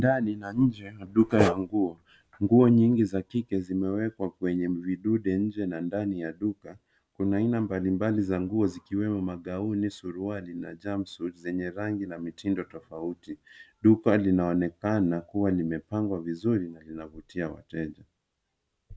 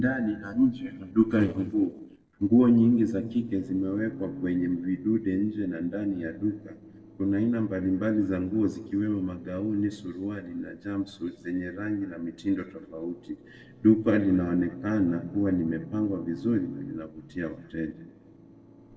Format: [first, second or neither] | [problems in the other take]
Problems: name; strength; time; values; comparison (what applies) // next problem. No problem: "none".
first | noise reduction (neural separator model SepFormer DNS4)